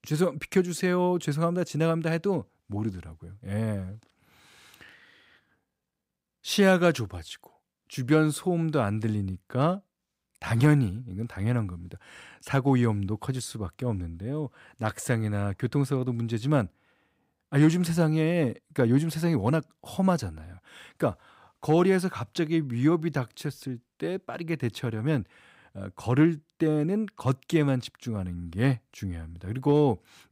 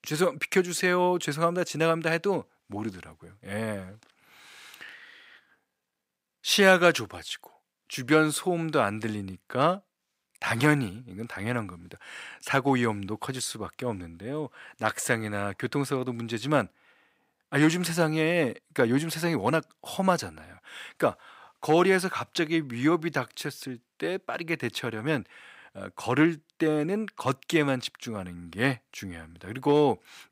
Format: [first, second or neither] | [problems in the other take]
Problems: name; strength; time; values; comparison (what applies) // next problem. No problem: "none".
first | thin; somewhat; fading below 500 Hz